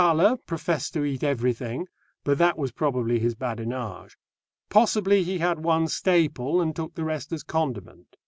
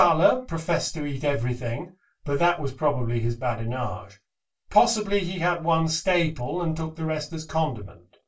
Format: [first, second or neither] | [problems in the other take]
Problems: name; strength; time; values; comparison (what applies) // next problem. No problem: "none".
first | room echo; dies away in 0.2 s